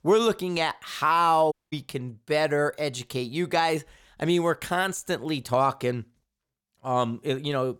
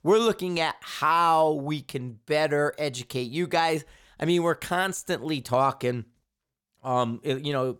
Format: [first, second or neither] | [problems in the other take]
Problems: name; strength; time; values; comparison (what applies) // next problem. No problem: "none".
second | audio cutting out; at 1.5 s